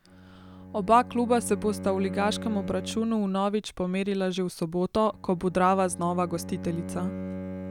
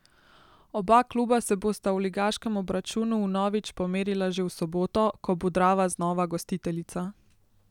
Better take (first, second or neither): second